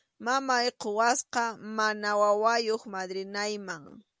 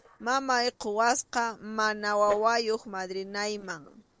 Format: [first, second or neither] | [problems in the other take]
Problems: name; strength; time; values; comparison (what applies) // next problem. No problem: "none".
first | noise reduction (neural separator model SepFormer DNS4)